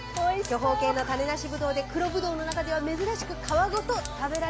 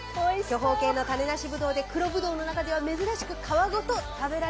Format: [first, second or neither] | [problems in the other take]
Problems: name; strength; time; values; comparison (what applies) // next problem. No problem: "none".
second | background sound (Bowed string instrument + Fire); 14 dB below the speech